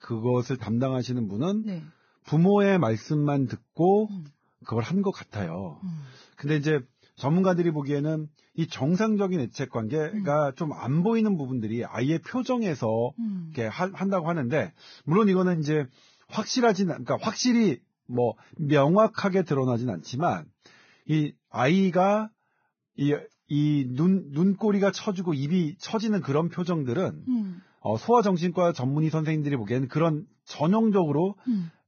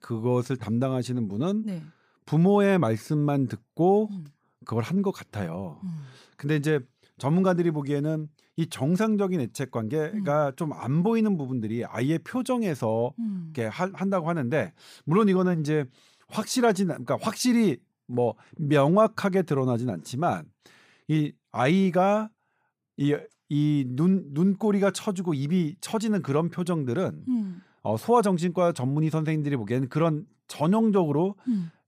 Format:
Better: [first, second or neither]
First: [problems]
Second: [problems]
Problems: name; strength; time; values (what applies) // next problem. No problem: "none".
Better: second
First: garbled, watery; badly; nothing above 6.5 kHz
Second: none